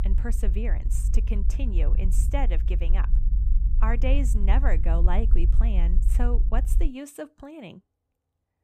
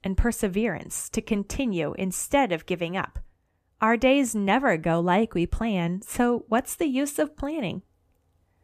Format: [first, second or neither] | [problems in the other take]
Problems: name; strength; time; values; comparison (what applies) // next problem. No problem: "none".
second | low rumble; noticeable; until 7 s; 10 dB below the speech